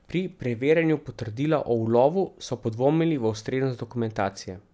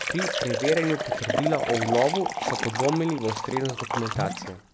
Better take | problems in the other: first | background sound (Liquid); 2 dB below the speech

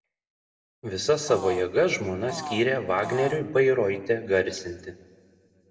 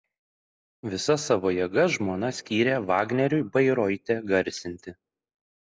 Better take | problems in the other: second | background sound (Fart); 11 dB below the speech // room echo; dies away in 0.9 s

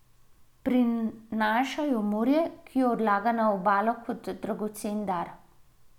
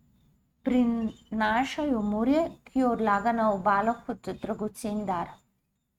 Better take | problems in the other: first | noise reduction (neural mask model RNNoise)

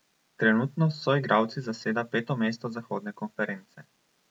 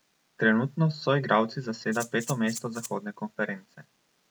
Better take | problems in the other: first | background sound (Rattle (instrument)); 13 dB below the speech

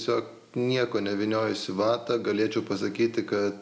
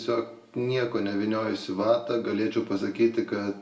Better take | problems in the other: first | room echo; dies away in 0.2 s

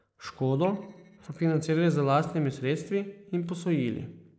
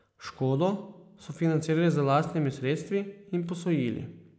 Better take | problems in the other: second | noise reduction (neural separator model SepFormer DNS4)

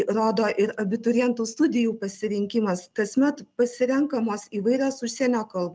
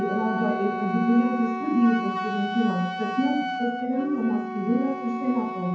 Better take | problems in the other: first | background sound (Wind instrument, woodwind instrument); 6 dB below the speech // room echo; dies away in 0.9 s

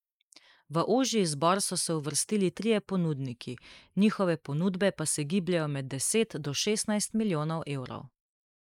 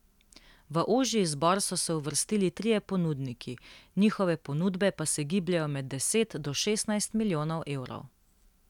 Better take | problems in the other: second | noise reduction (neural mask model Resemble Enhance denoiser)

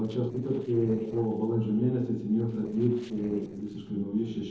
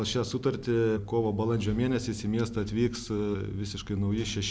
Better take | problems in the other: second | noise reduction (neural separator model SepFormer DNS4)

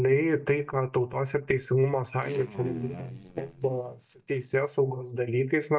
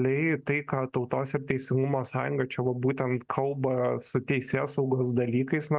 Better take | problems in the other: second | noise reduction (neural mask model DeepFilterNet 3)

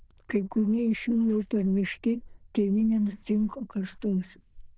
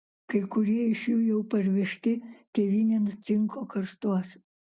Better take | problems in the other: second | noise reduction (neural diffusion model UNIVERSE++)

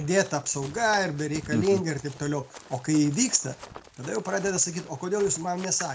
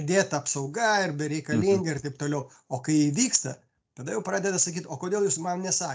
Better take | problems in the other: second | background sound (Run); 18 dB below the speech

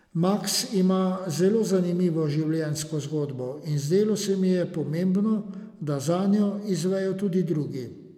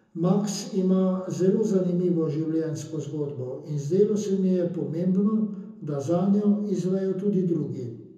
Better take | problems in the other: first | room echo; dies away in 0.7 s

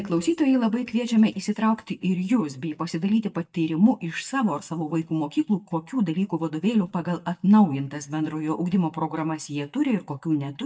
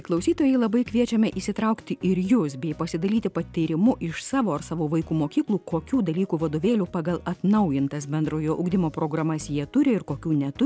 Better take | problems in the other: second | noise reduction (neural mask model DeepFilterNet 3)

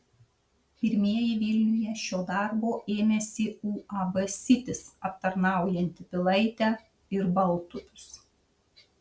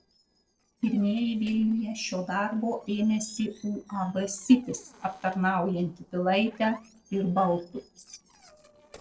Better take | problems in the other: first | noise reduction (neural separator model SepFormer DNS4)

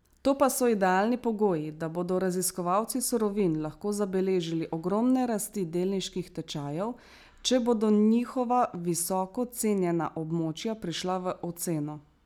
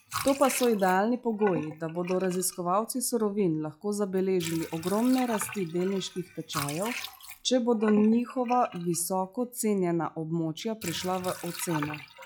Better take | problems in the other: first | noise reduction (classical method log-MMSE)

